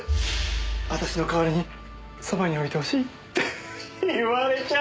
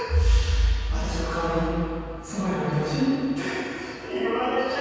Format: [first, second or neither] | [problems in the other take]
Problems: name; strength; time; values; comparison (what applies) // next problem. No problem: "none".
first | room echo; dies away in 2.1 s